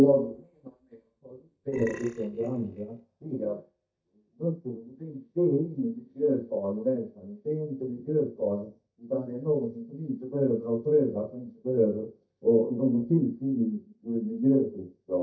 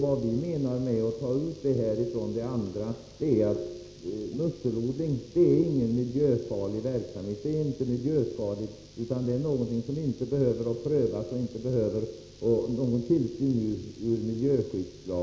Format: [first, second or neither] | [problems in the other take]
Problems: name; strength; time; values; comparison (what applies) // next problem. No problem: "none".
second | noise reduction (neural mask model DeepFilterNet 3)